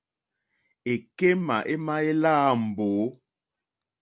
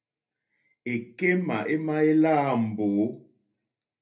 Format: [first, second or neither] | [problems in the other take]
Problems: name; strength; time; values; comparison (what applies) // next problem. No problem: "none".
first | room echo; dies away in 0.3 s